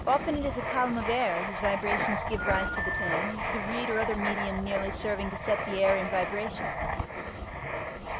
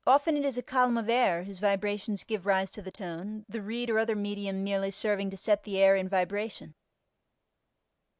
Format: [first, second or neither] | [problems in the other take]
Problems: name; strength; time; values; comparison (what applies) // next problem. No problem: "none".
second | background sound (Writing + Telephone); 1 dB below the speech